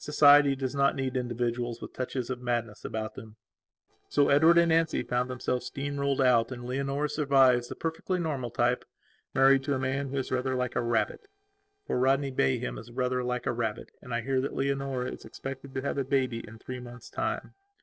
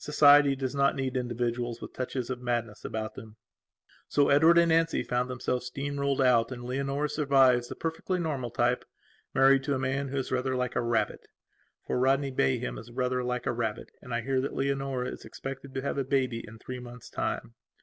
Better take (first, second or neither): second